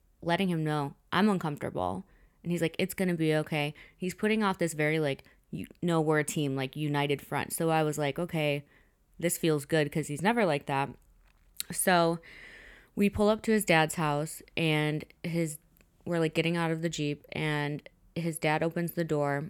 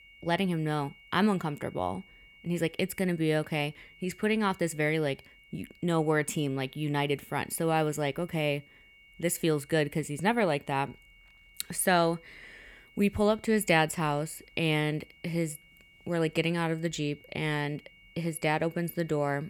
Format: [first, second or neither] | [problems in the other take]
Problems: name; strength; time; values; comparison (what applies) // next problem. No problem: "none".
first | high-pitched whine; faint; throughout; 2 kHz, 25 dB below the speech